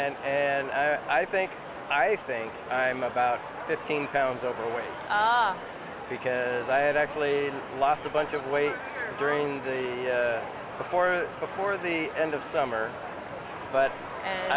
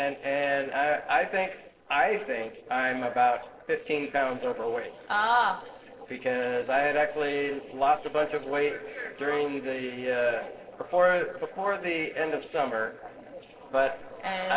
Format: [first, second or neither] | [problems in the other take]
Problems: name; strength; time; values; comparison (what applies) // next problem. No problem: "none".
first | noise reduction (neural separator model SepFormer DNS4)